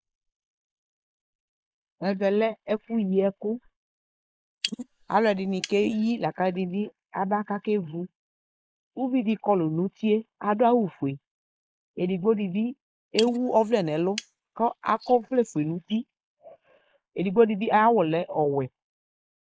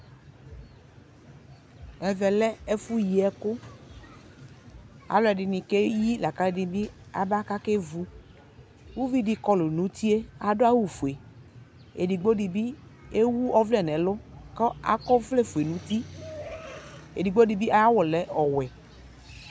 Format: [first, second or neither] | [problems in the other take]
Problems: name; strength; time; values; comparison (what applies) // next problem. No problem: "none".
second | noise reduction (neural mask model Resemble Enhance denoiser)